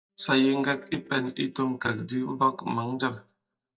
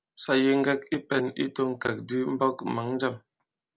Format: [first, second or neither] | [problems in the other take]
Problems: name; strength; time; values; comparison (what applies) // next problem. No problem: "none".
second | noise reduction (neural mask model DeepFilterNet 3)